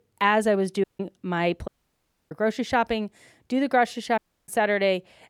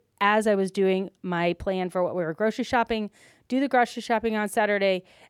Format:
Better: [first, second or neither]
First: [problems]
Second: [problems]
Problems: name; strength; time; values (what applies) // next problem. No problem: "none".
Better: second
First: audio cutting out; at 1 s, at 1.5 s for 0.5 s and at 4 s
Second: none